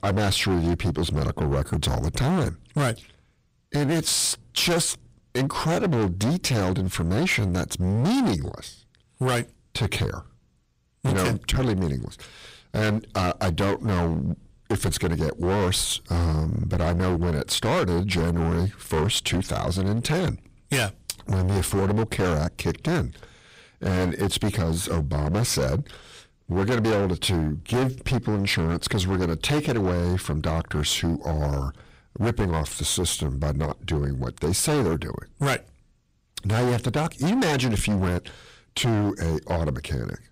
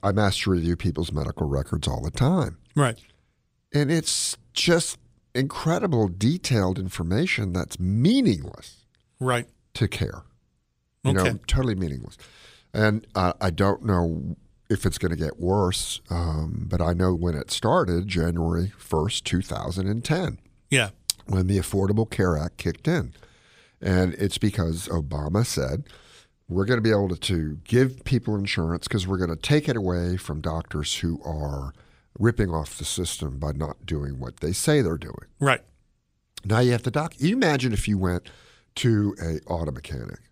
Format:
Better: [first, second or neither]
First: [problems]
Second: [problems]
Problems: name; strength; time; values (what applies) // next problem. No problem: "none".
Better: second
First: distortion; heavy; 19% of the sound clipped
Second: none